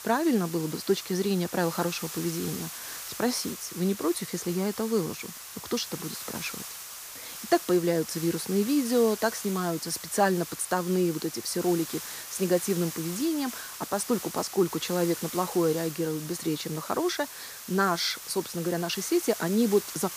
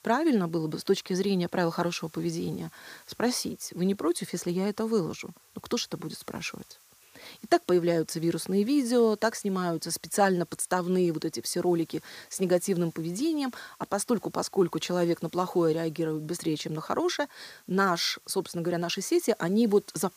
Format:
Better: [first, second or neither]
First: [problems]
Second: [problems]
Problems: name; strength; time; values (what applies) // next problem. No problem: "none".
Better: second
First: hiss; loud; throughout; 9 dB below the speech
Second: hiss; faint; throughout; 25 dB below the speech